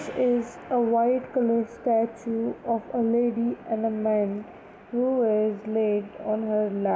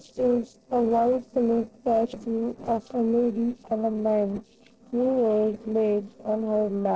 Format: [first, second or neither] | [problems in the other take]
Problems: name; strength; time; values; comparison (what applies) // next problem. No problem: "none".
first | noise reduction (neural separator model SepFormer DNS4)